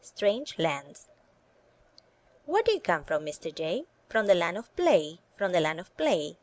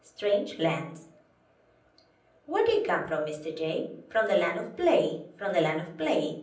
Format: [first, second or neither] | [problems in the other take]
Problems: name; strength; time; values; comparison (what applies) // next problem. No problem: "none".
first | room echo; dies away in 0.6 s